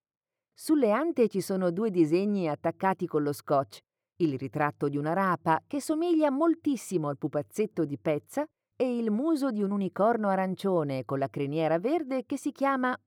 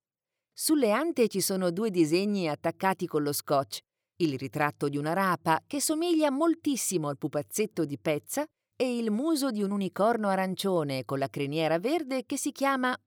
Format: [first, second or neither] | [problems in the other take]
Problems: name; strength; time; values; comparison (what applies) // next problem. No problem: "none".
second | muffled; slightly; fading above 2.5 kHz